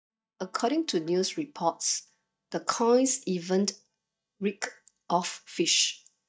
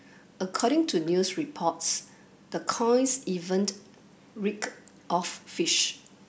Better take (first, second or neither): second